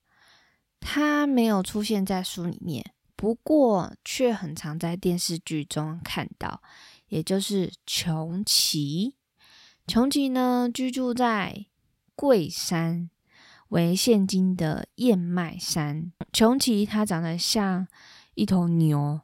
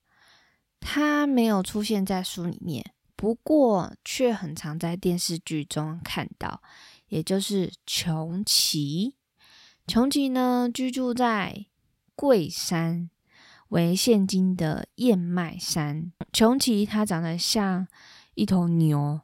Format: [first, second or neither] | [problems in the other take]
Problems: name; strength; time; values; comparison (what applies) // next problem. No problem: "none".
neither | none